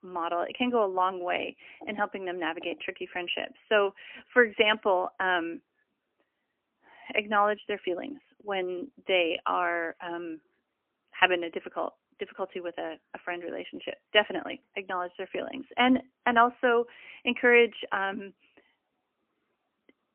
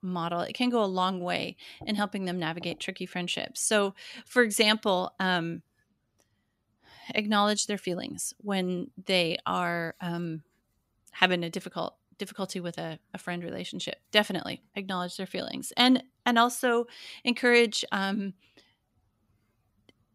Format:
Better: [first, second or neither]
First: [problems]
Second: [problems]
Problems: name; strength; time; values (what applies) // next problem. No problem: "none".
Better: second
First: phone-call audio; poor line; nothing above 3 kHz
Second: none